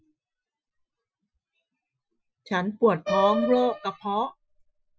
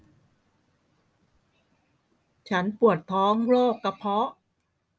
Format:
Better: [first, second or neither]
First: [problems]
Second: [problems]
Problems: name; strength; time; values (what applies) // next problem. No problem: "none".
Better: second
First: noise reduction (classical method Wiener filter)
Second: none